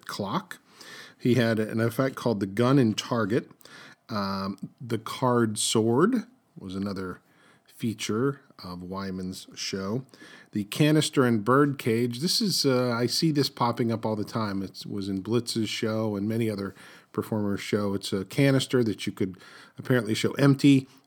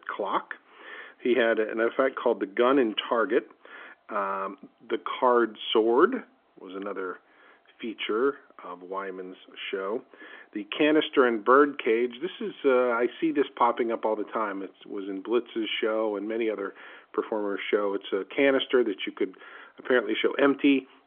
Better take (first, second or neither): first